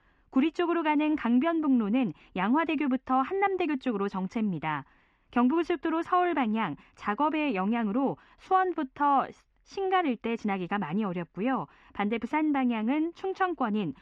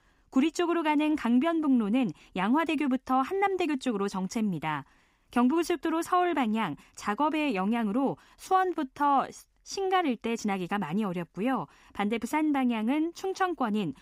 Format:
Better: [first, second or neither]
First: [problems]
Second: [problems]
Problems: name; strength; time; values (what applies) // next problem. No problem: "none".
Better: second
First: muffled; slightly; fading above 2.5 kHz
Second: none